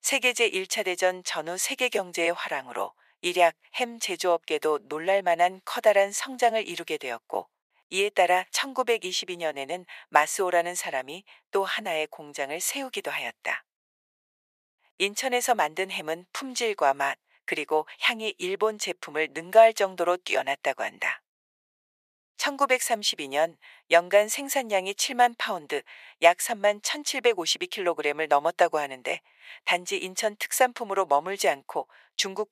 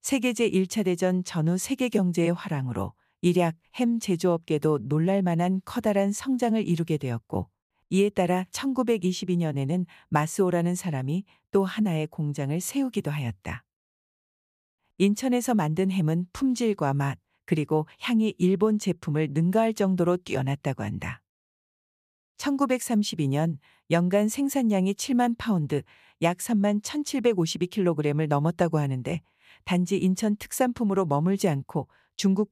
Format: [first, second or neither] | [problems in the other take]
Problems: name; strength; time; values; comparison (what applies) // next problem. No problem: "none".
second | thin; very; fading below 500 Hz